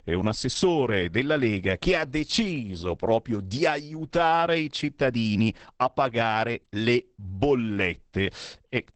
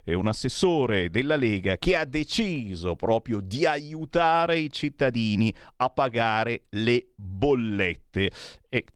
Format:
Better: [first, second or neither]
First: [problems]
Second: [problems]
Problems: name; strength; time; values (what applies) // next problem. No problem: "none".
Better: second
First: garbled, watery; badly; nothing above 8 kHz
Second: garbled, watery; slightly